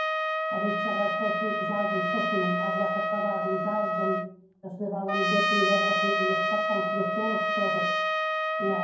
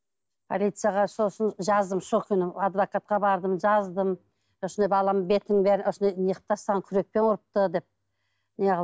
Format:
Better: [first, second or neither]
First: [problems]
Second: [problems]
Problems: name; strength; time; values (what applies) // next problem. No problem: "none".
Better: second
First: background sound (Trumpet); 4 dB above the speech // room echo; dies away in 0.9 s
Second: none